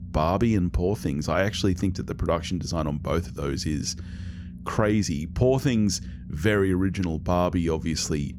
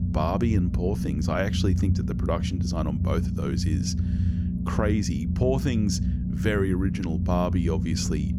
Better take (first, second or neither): first